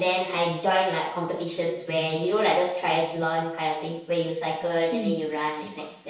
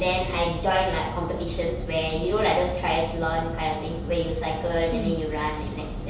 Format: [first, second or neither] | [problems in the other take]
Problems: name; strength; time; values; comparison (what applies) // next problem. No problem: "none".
second | noise reduction (neural mask model Resemble Enhance denoiser)